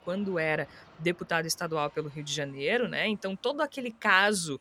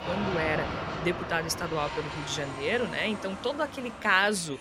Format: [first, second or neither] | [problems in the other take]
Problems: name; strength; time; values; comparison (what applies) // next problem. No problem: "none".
first | train or aircraft noise; loud; throughout; 7 dB below the speech; faint in the first